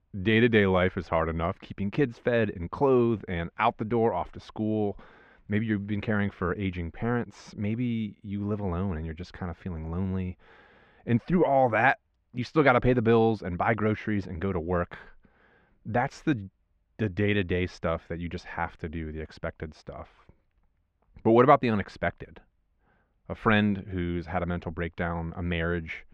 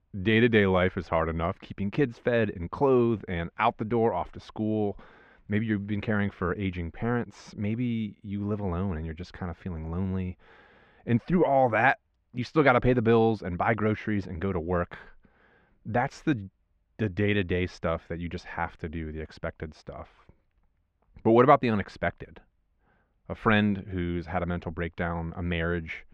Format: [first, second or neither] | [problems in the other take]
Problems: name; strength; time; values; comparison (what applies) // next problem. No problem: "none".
neither | muffled; very; fading above 2 kHz; the same in both